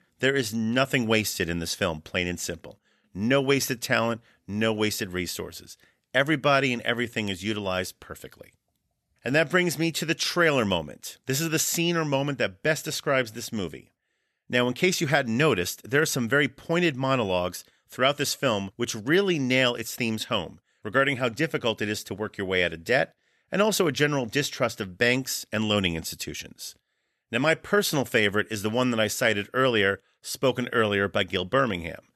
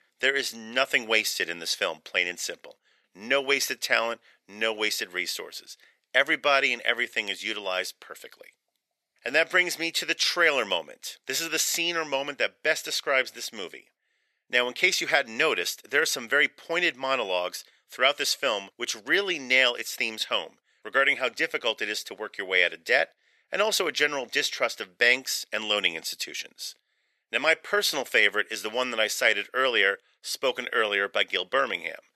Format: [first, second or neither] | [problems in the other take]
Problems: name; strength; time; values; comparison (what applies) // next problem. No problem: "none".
first | thin; very; fading below 500 Hz